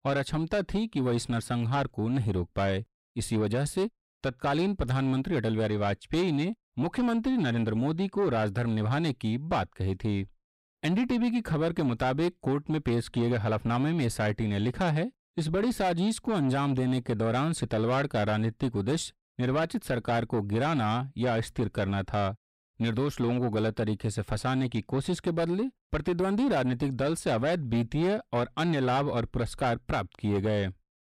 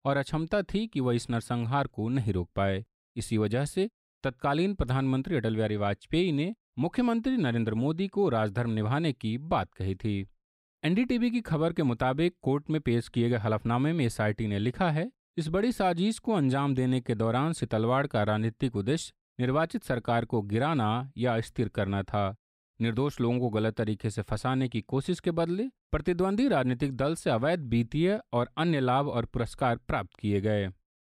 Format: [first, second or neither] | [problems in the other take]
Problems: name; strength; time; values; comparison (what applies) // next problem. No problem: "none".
second | distortion; slight; 10 dB below the speech